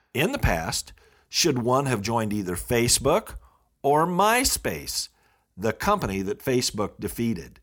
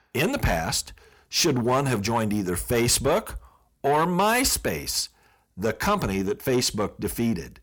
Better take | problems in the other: first | distortion; slight; 10 dB below the speech

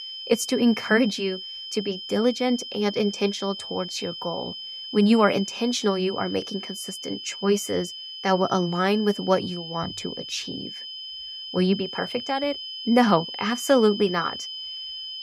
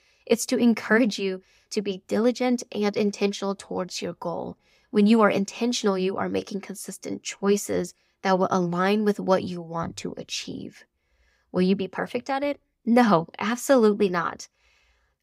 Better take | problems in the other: second | high-pitched whine; loud; throughout; 3 kHz, 9 dB below the speech

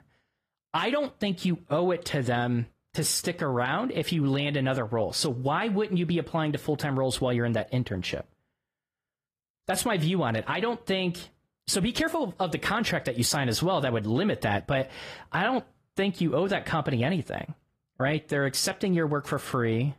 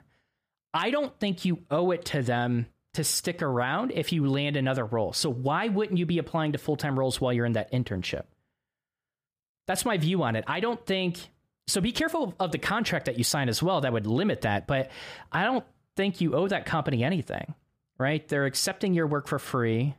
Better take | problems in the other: second | garbled, watery; slightly; nothing above 15 kHz

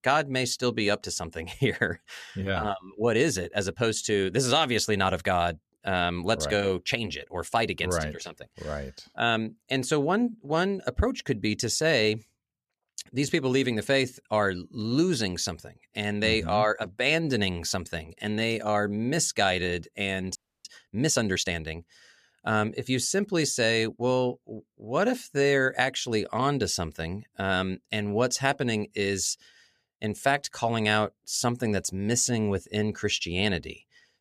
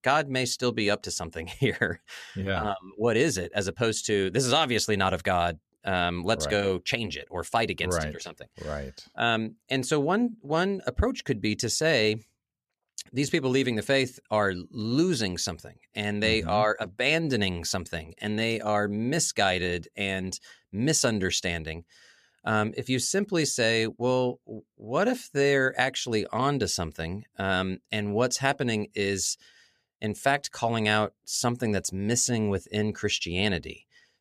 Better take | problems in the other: second | audio freezing; at 20 s

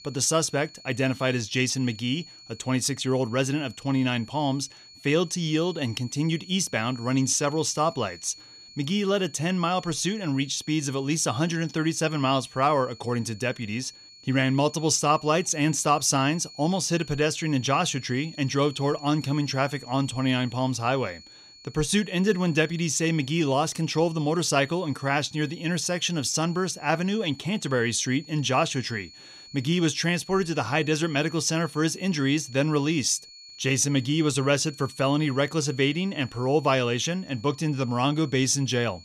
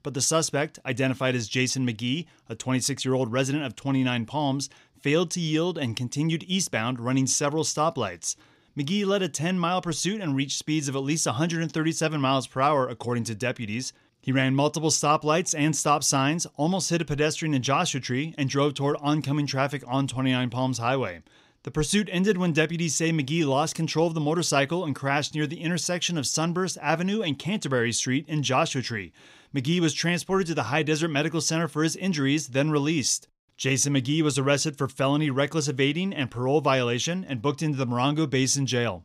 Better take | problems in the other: second | high-pitched whine; noticeable; throughout; 4.5 kHz, 20 dB below the speech

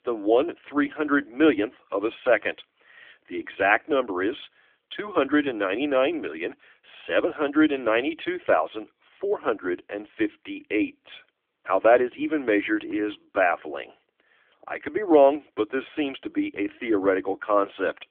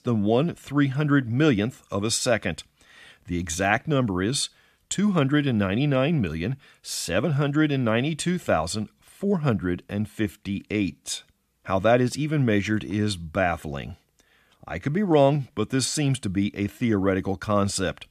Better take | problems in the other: second | phone-call audio; nothing above 3.5 kHz

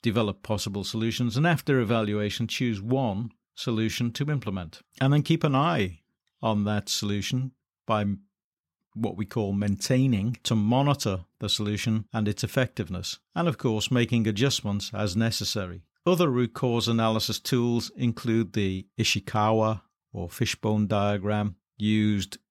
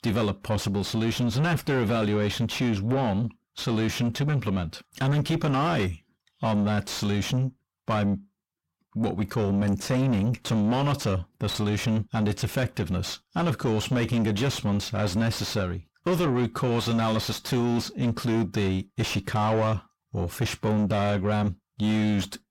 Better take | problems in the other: first | distortion; heavy; 7 dB below the speech

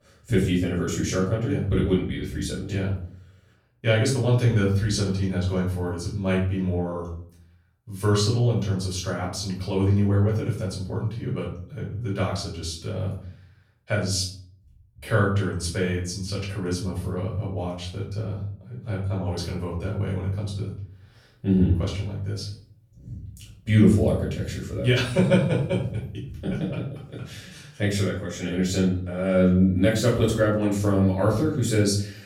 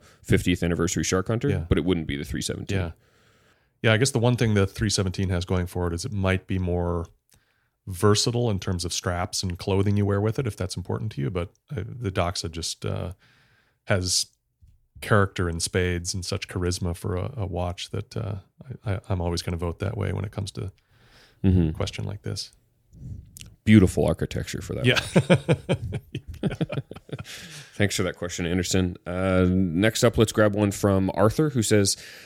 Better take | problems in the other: second | off-mic speech; far // room echo; noticeable; dies away in 0.5 s

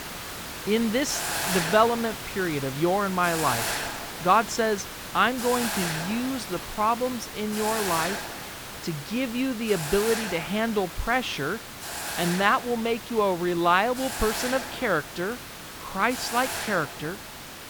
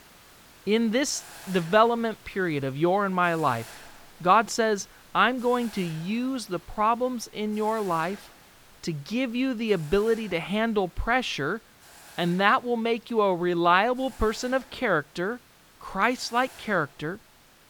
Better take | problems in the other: second | hiss; loud; throughout; 6 dB below the speech; faint in the second

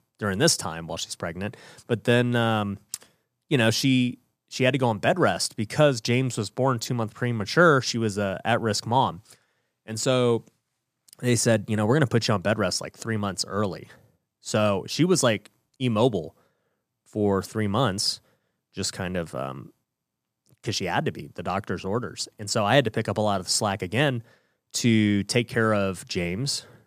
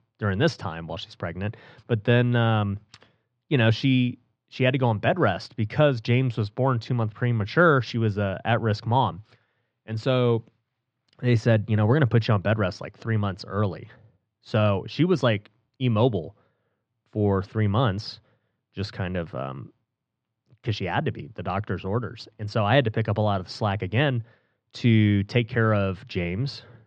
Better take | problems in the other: first | muffled; slightly; fading above 4 kHz

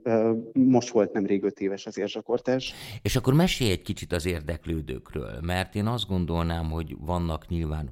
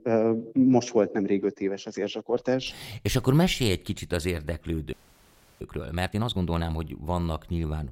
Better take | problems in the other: first | audio freezing; at 5 s for 0.5 s

